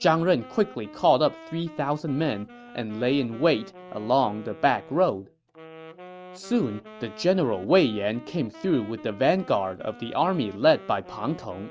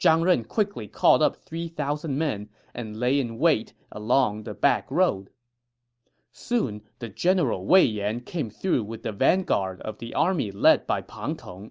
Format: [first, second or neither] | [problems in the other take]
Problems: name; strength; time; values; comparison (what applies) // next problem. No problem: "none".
second | background sound (Wind instrument, woodwind instrument); 19 dB below the speech